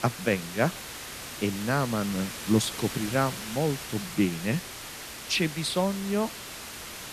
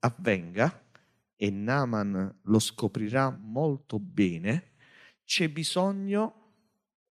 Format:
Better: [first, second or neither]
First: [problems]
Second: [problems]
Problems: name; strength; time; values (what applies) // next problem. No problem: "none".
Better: second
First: hiss; loud; throughout; 8 dB below the speech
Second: none